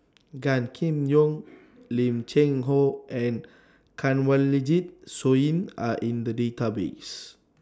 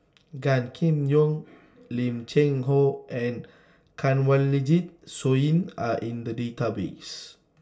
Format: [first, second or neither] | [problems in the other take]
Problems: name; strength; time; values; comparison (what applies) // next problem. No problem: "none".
first | room echo; dies away in 0.2 s